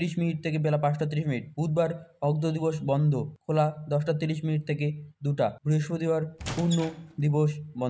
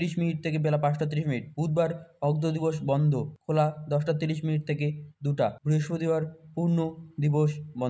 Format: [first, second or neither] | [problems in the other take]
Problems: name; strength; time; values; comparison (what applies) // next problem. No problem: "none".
second | background sound (Squeak / Wood); 12 dB below the speech